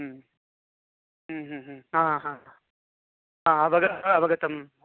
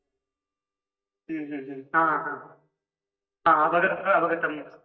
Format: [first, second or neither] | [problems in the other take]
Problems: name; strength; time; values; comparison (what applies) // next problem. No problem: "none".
first | noise reduction (neural mask model DeepFilterNet 3)